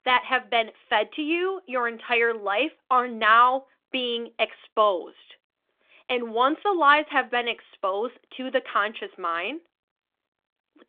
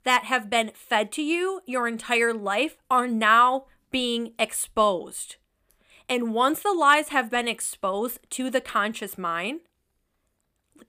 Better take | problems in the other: second | phone-call audio

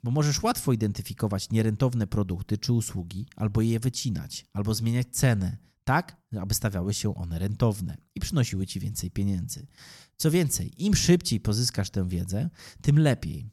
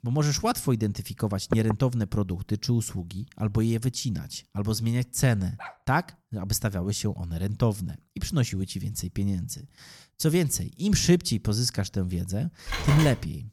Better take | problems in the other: first | door banging; noticeable; at 1.5 s; peak 5 dB below the speech // dog barking; faint; at 5.5 s; peak 15 dB below the speech // phone ringing; noticeable; at 13 s; peak 2 dB below the speech

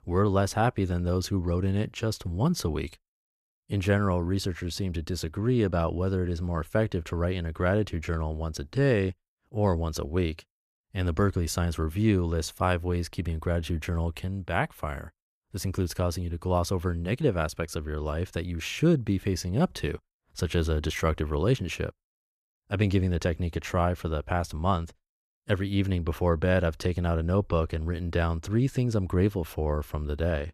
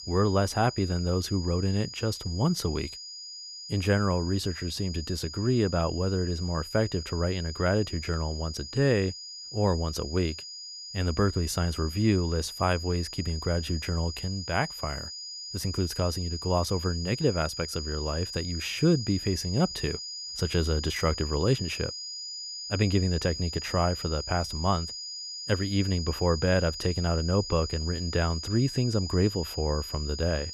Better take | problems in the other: first | high-pitched whine; loud; throughout; 5 kHz, 8 dB below the speech

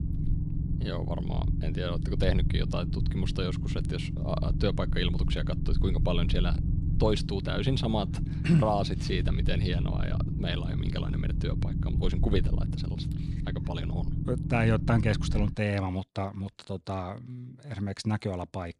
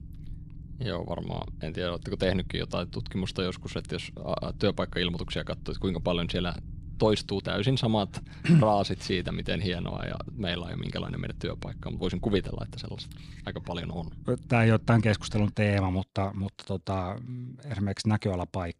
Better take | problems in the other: second | low rumble; loud; until 16 s; 8 dB below the speech; faint in the second

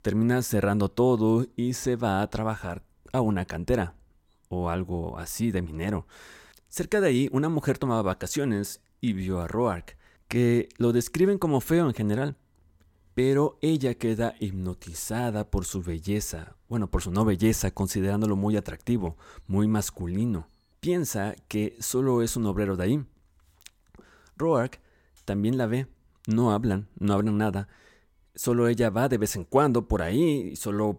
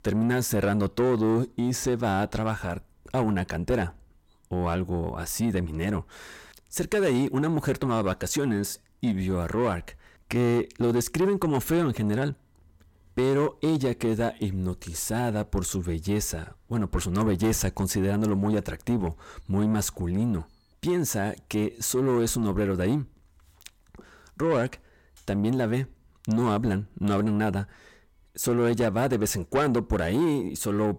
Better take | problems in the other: first | distortion; slight; 10 dB below the speech

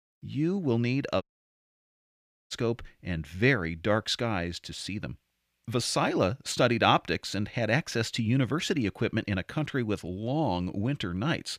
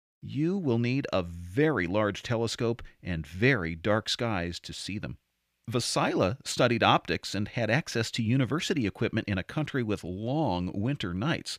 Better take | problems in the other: second | audio cutting out; at 1 s for 1.5 s

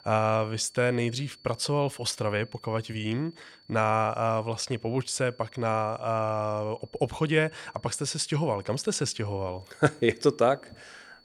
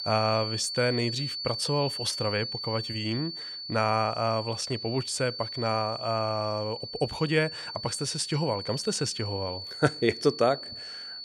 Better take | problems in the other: first | high-pitched whine; loud; throughout; 4.5 kHz, 6 dB below the speech; faint in the first

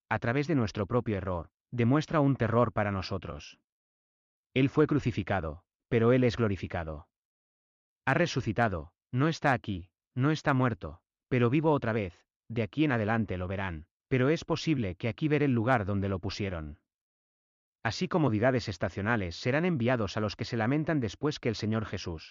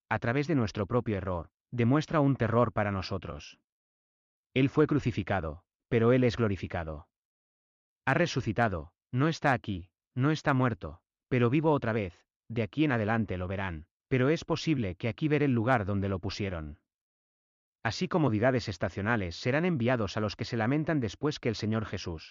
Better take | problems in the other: neither | none

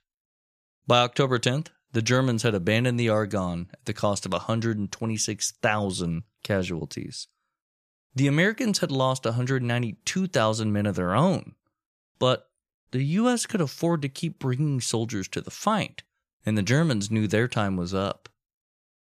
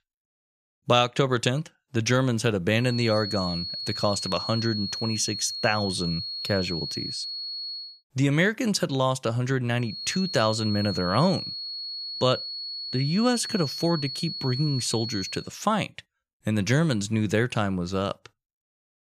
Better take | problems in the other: first | high-pitched whine; loud; from 3 to 8 s and from 10 to 15 s; 4.5 kHz, 5 dB below the speech

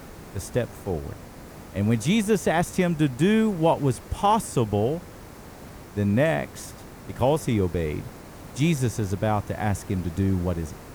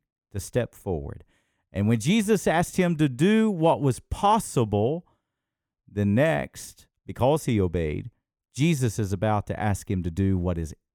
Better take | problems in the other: second | hiss; noticeable; throughout; 20 dB below the speech

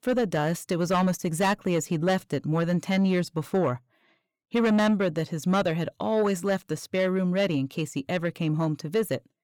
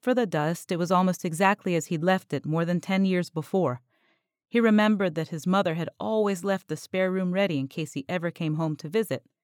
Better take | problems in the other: second | distortion; slight; 10 dB below the speech

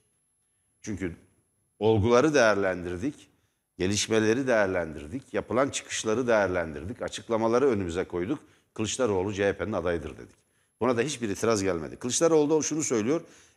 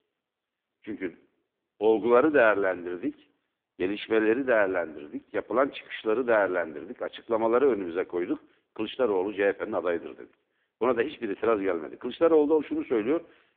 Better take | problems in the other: first | phone-call audio; poor line; nothing above 3.5 kHz

